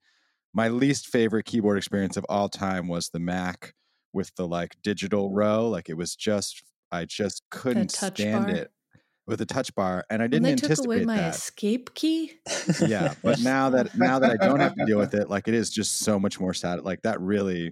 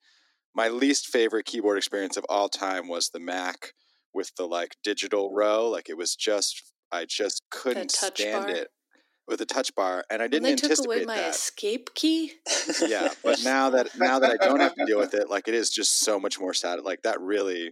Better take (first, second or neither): first